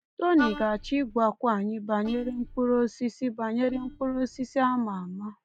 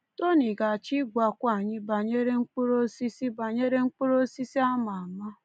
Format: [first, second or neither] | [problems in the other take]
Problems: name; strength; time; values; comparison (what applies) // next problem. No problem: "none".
second | noise reduction (neural mask model DeepFilterNet 3)